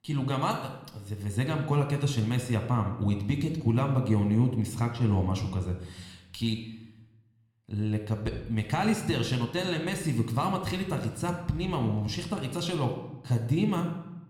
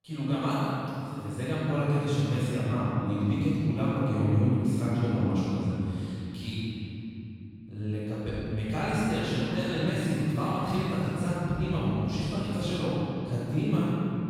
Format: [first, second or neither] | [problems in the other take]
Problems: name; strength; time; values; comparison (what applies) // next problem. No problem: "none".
first | room echo; strong; dies away in 3 s; slight in the first // off-mic speech; far